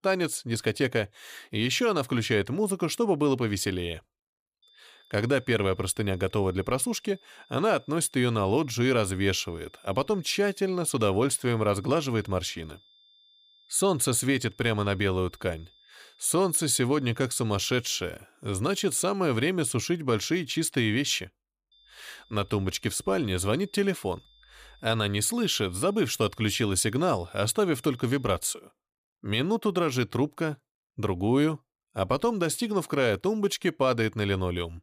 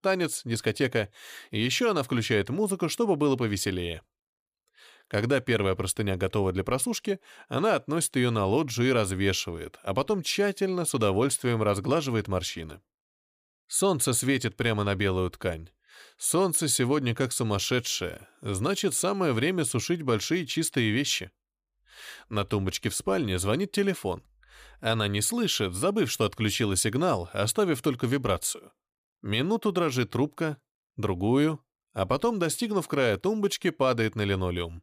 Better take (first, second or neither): second